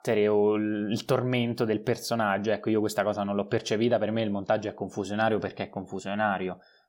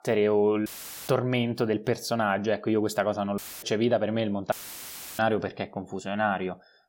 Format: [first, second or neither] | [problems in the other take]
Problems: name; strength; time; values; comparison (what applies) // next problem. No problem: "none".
first | audio cutting out; filled with static; at 0.5 s, at 3.5 s and at 4.5 s for 0.5 s